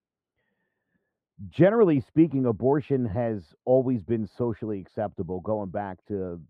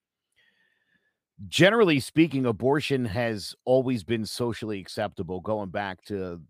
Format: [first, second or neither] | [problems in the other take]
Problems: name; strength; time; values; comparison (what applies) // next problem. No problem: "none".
second | muffled; very; fading above 2.5 kHz